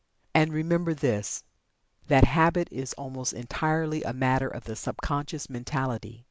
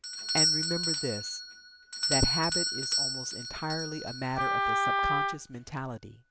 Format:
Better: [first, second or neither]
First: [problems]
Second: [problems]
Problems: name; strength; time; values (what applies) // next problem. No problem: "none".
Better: first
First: none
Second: background sound (Doorbell + Wind instrument, woodwind instrument); 5 dB above the speech